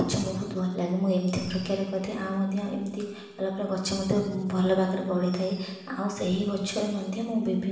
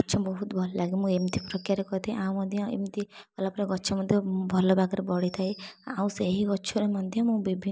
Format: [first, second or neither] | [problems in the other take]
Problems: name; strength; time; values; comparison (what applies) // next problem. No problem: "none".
second | room echo; dies away in 1.2 s